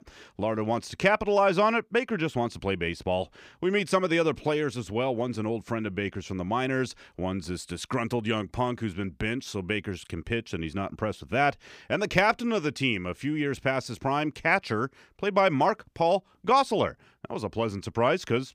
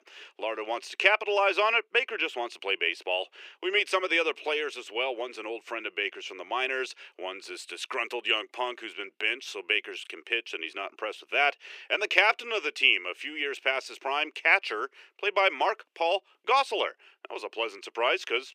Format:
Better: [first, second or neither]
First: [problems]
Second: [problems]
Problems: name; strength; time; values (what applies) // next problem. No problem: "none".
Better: first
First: none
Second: thin; very; fading below 350 Hz